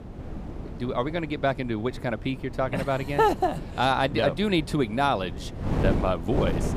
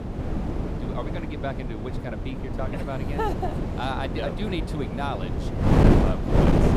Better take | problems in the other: first | wind noise on the microphone; heavy; 1 dB above the speech; occasional gusts in the first

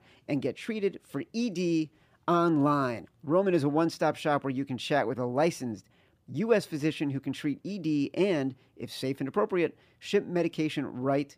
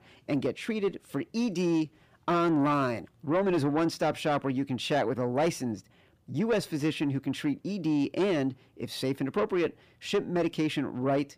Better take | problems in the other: first | distortion; slight; 10 dB below the speech

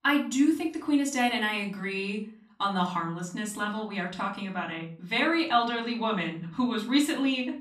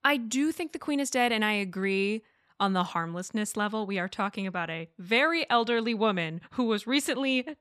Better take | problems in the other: second | off-mic speech; far // room echo; slight; dies away in 0.4 s

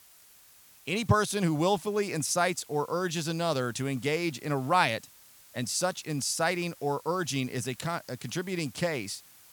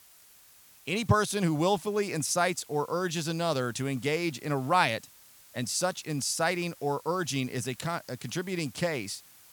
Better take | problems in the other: neither | hiss; faint; throughout; 25 dB below the speech; the same in both

